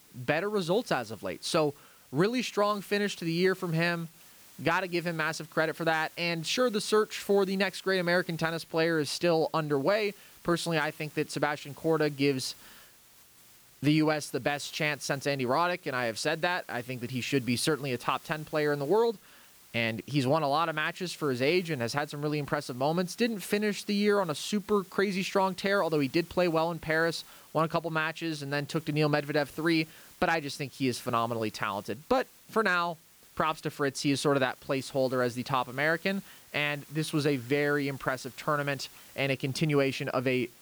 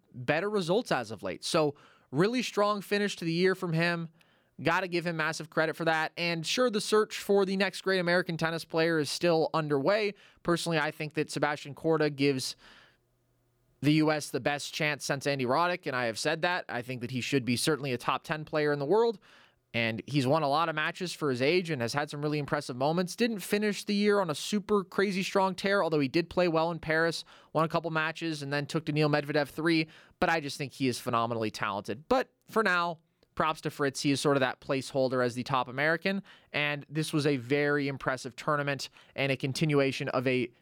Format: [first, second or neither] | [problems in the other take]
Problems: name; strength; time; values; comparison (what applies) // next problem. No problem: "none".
second | hiss; faint; throughout; 20 dB below the speech